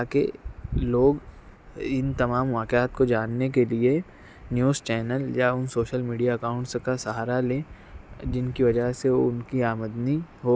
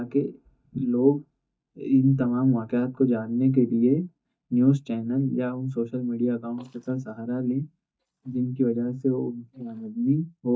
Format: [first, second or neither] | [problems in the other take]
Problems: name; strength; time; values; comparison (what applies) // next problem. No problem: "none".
first | noise reduction (neural mask model DeepFilterNet 3)